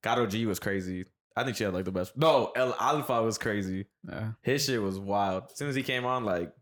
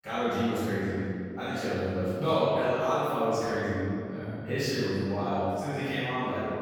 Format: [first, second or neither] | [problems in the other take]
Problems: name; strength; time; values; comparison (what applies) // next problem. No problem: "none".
first | off-mic speech; far // room echo; strong; dies away in 2.3 s